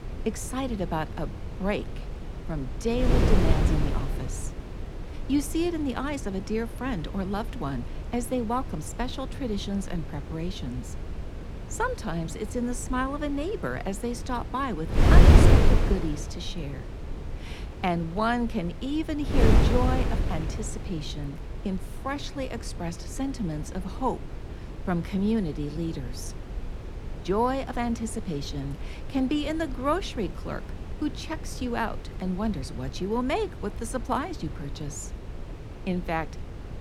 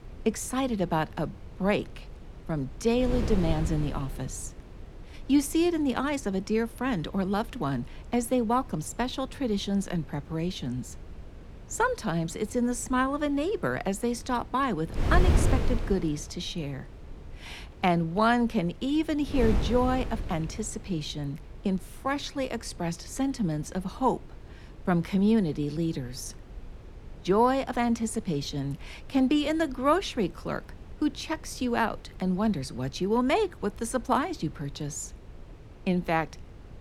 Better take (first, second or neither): second